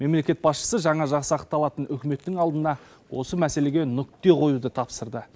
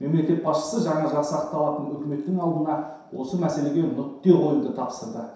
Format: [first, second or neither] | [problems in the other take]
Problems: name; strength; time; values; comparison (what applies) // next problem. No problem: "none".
first | room echo; dies away in 0.7 s